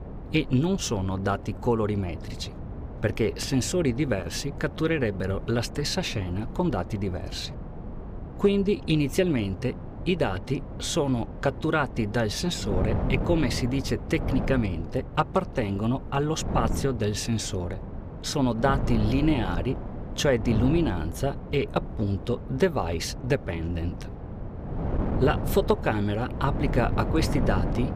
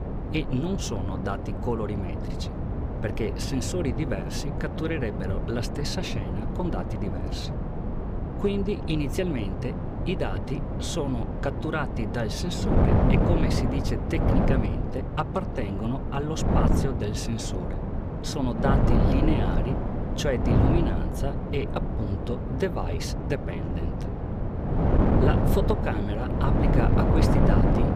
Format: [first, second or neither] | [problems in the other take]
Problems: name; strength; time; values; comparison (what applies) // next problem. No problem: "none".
first | wind noise on the microphone; heavy; as loud as the speech; occasional gusts in the first